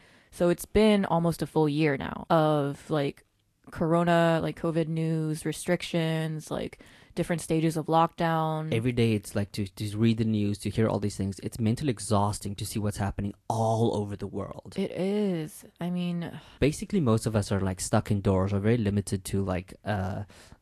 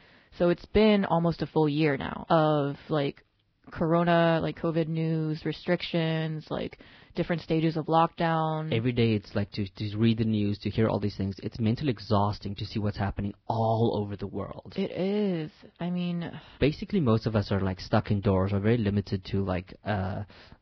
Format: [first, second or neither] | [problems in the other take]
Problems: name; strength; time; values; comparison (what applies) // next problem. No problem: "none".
first | garbled, watery; badly; nothing above 5.5 kHz; slightly in the first